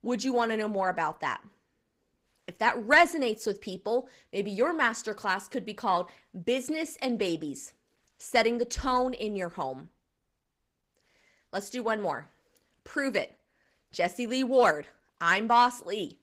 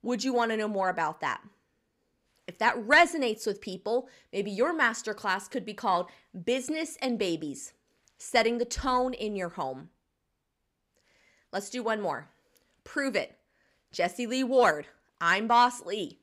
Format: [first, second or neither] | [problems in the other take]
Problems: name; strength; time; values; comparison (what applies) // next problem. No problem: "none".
second | garbled, watery; slightly; nothing above 15.5 kHz